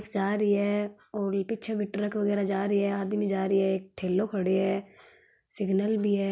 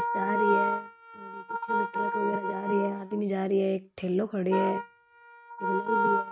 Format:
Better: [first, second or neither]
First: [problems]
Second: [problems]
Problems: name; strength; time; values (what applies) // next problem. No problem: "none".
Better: first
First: none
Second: noise reduction (neural mask model RNNoise)